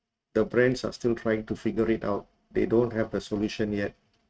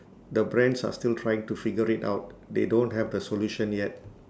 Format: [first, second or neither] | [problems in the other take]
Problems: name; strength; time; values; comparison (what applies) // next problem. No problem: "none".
second | noise reduction (neural mask model RNNoise)